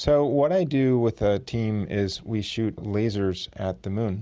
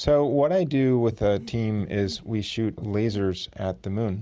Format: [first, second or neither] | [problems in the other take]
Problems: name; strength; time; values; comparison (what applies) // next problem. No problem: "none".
first | background sound (Breathing); 19 dB below the speech